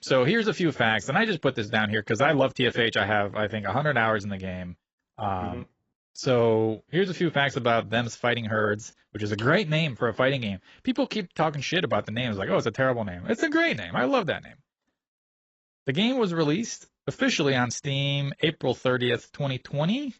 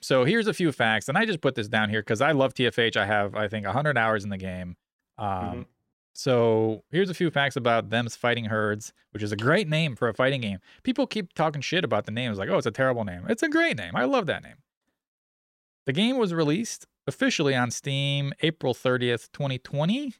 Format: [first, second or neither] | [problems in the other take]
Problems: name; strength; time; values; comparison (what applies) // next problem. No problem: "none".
second | garbled, watery; badly; nothing above 7.5 kHz